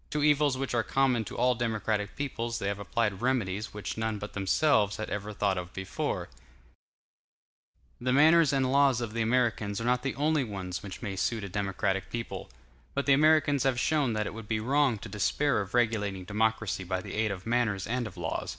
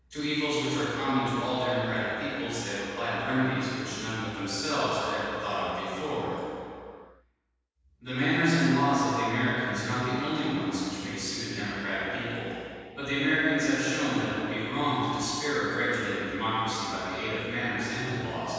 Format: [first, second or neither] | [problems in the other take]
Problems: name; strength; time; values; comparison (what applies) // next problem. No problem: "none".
first | room echo; dies away in 2.1 s